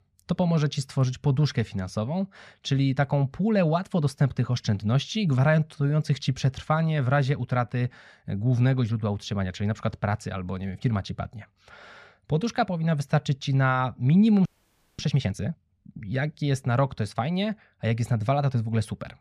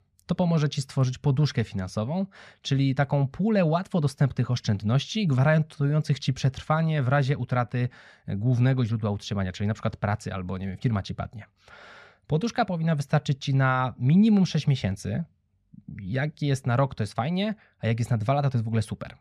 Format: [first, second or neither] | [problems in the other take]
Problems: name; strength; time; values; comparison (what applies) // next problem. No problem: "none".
second | audio freezing; at 14 s for 0.5 s